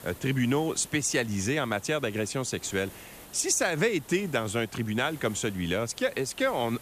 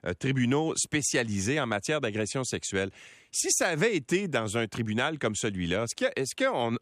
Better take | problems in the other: second | hiss; noticeable; throughout; 20 dB below the speech

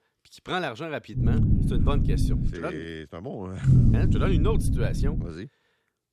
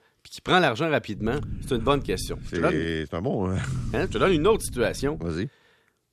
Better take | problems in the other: second | low rumble; loud; from 1 to 2.5 s and from 3.5 to 5.5 s; 1 dB below the speech; faint in the second

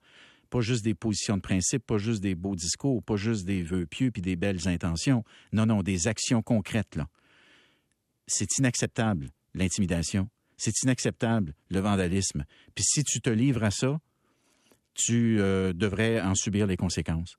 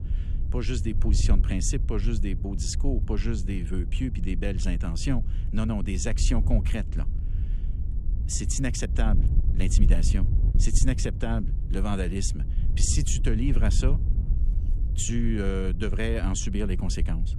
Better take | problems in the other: first | wind noise on the microphone; occasional gusts; 10 dB below the speech

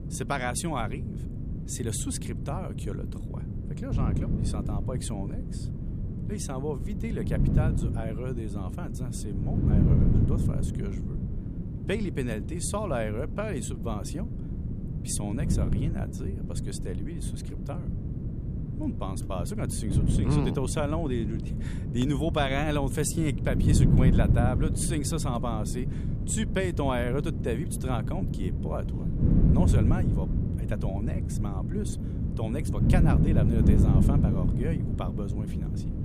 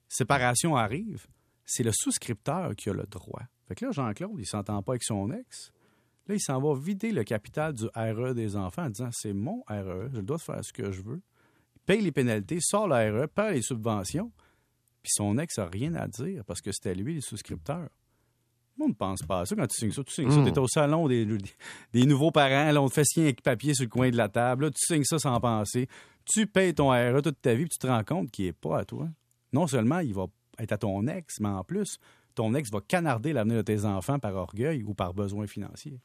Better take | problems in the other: second | wind noise on the microphone; heavy; 4 dB below the speech

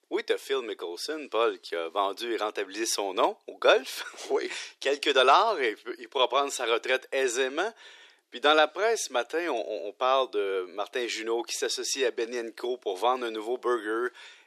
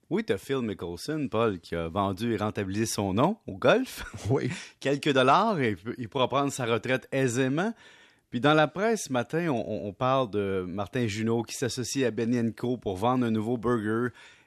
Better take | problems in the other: second | thin; very; fading below 350 Hz

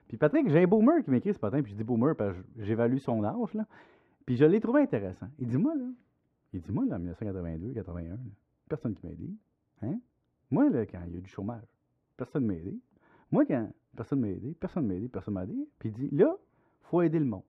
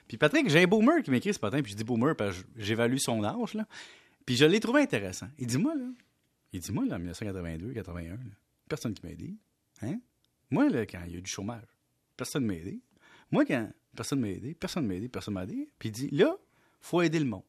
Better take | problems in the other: second | muffled; very; fading above 2.5 kHz

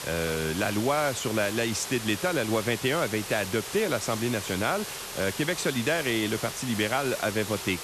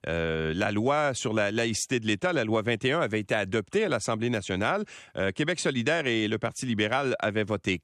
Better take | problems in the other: second | hiss; loud; throughout; 7 dB below the speech

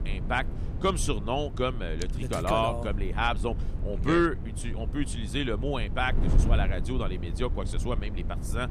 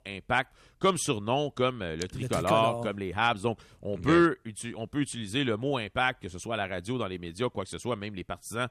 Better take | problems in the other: second | wind noise on the microphone; occasional gusts; 15 dB below the speech

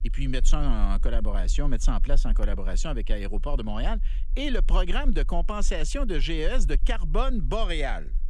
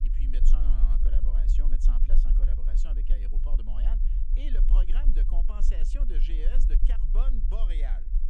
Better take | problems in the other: first | low rumble; loud; throughout; 5 dB below the speech; faint in the first

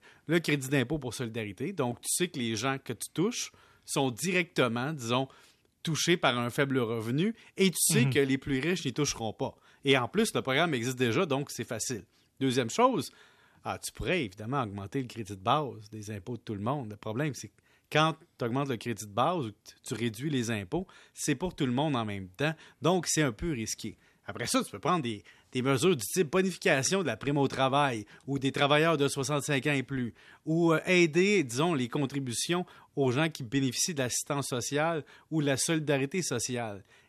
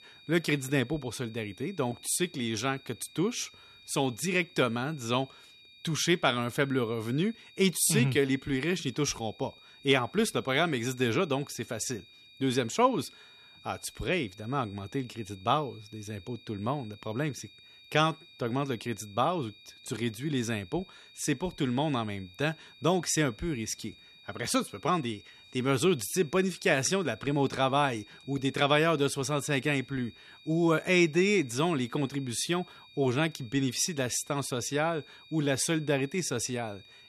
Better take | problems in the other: first | high-pitched whine; faint; throughout; 3.5 kHz, 25 dB below the speech

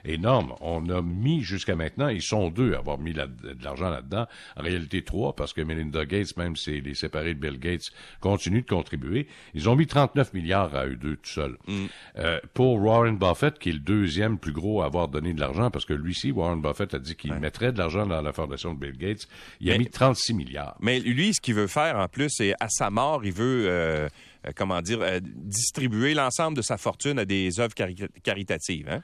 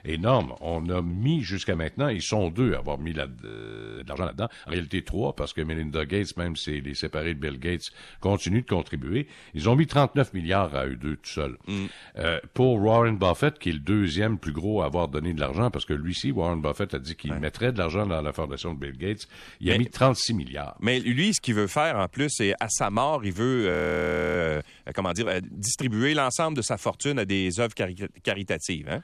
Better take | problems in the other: first | audio freezing; at 3.5 s for 0.5 s and at 24 s for 0.5 s

